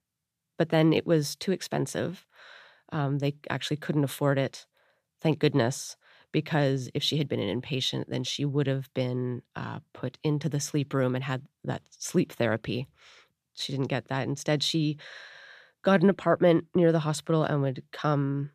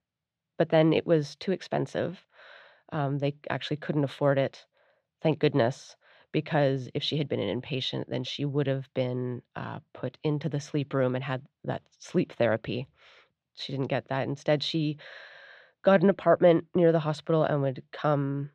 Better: first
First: none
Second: muffled; slightly; fading above 3.5 kHz

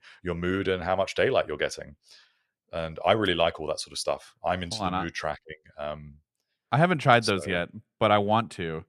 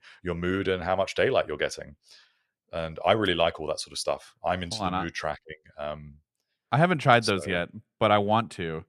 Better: neither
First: none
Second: none

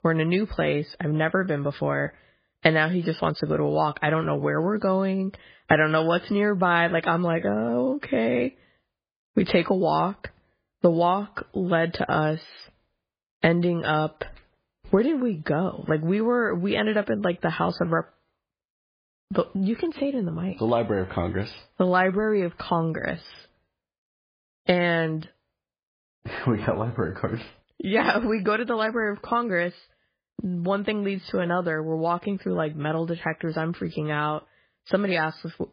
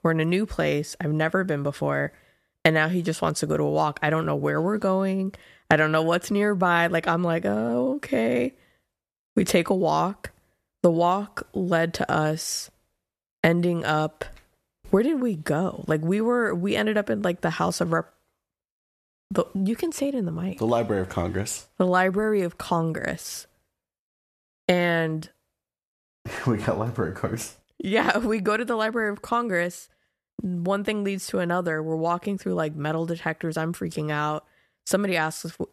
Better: second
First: garbled, watery; badly; nothing above 5 kHz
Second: none

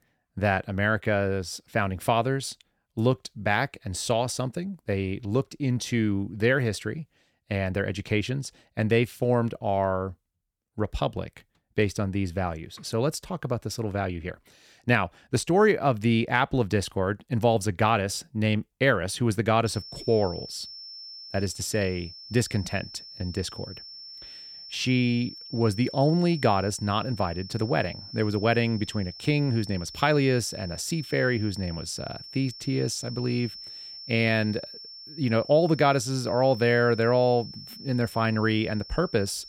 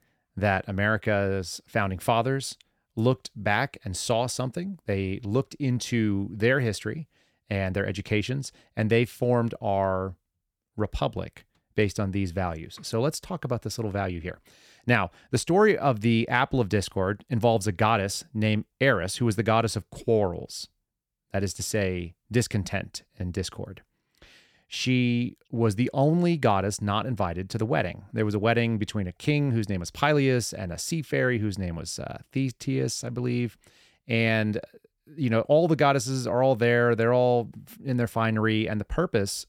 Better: second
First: high-pitched whine; noticeable; from 20 s on; 5.5 kHz, 15 dB below the speech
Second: none

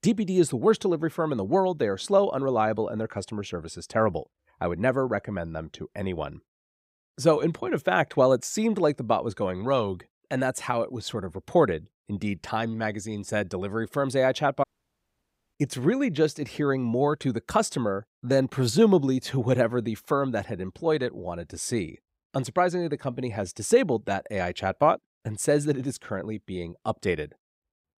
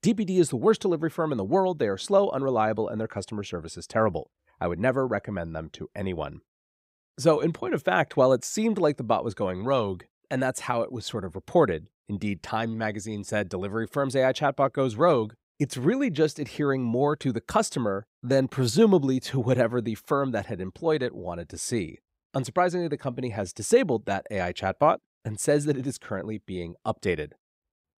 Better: second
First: audio cutting out; at 15 s for 1 s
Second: none

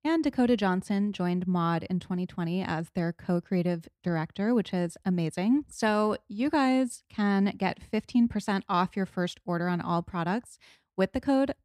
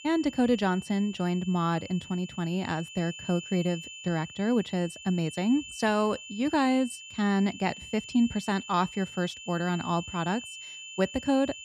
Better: first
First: none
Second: high-pitched whine; noticeable; throughout; 3 kHz, 15 dB below the speech

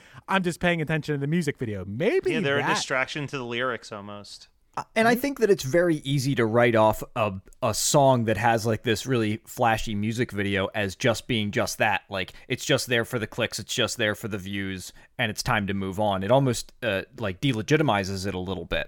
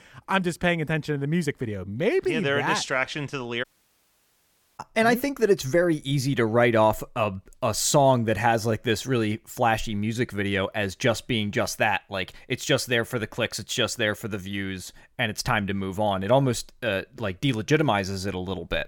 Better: first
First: none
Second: audio cutting out; at 3.5 s for 1 s

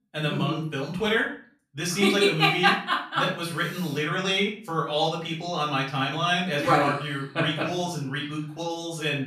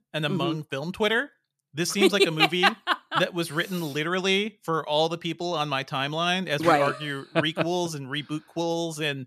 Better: second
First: off-mic speech; far // room echo; slight; dies away in 0.4 s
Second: none

